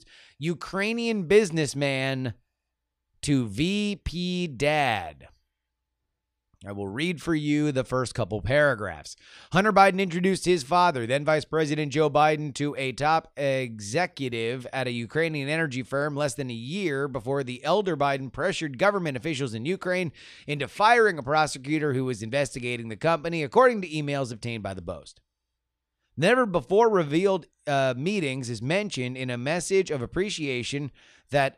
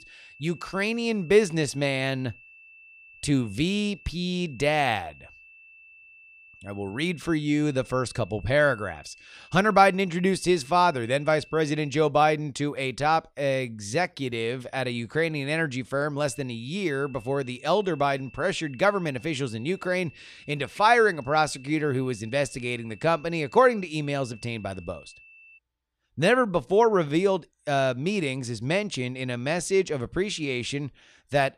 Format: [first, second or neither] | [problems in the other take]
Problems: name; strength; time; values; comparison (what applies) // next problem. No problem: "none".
first | high-pitched whine; faint; until 12 s and from 16 to 26 s; 2.5 kHz, 25 dB below the speech